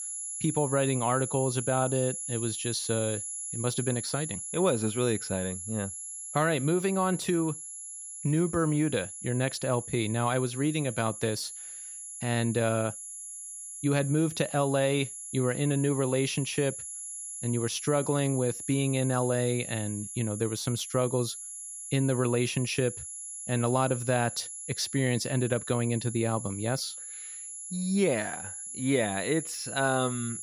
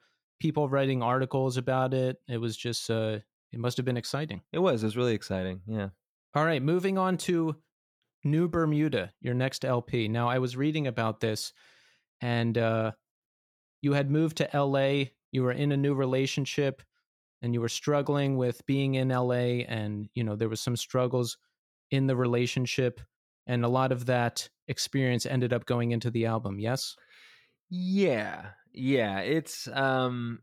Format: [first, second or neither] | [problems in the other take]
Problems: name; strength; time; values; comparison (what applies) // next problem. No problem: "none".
second | high-pitched whine; loud; throughout; 11 kHz, 7 dB below the speech